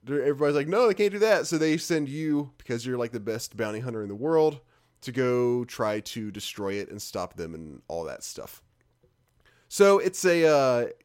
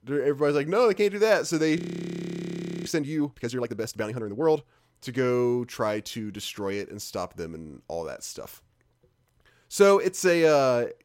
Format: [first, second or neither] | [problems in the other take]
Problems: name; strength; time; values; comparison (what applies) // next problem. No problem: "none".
first | audio freezing; at 2 s for 1 s